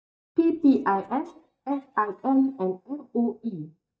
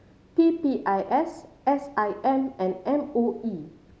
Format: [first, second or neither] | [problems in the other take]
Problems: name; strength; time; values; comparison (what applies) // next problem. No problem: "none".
second | noise reduction (neural mask model DeepFilterNet 3)